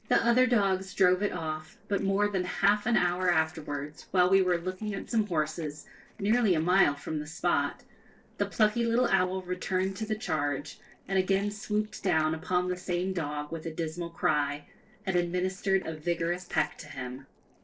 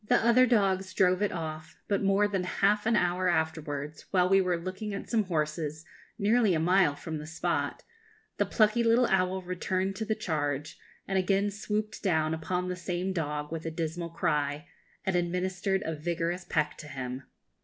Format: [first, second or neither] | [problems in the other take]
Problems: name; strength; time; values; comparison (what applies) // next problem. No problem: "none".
second | noise reduction (neural separator model SepFormer DNS4)